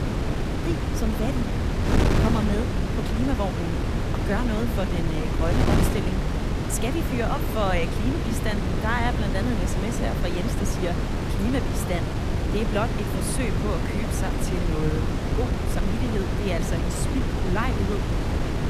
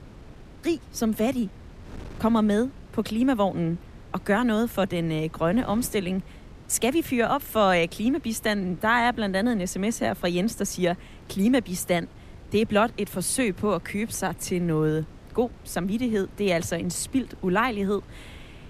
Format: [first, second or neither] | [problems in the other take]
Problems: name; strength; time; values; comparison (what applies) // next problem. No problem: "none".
second | wind noise on the microphone; heavy; as loud as the speech; occasional gusts in the second